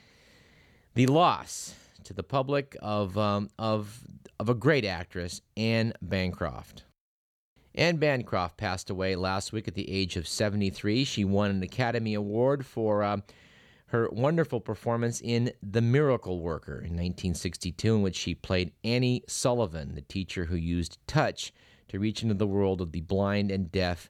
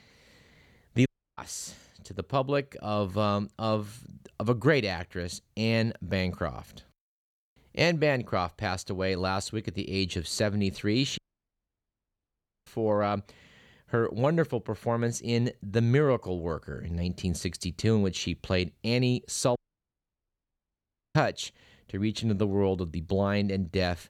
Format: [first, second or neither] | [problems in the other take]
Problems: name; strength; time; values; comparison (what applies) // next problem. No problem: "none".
first | audio cutting out; at 1 s, at 11 s for 1.5 s and at 20 s for 1.5 s